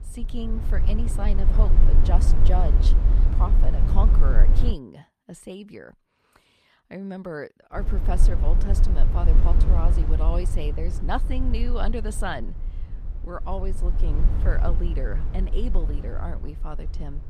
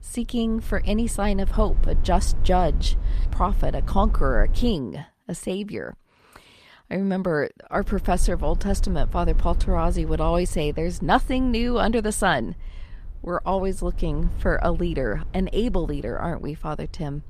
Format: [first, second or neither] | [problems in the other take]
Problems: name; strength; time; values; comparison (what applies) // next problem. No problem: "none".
second | low rumble; loud; until 4.5 s and from 8 s on; 6 dB below the speech; faint in the second